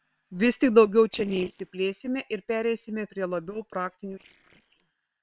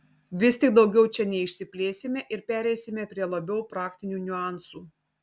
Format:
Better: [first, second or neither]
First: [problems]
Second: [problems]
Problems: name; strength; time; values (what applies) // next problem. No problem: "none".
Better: second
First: noise reduction (neural separator model SepFormer WHAM!)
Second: none